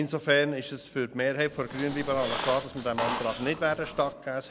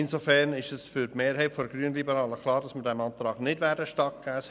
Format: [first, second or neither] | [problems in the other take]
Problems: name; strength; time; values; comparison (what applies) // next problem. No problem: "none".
second | background sound (Squeak); 7 dB below the speech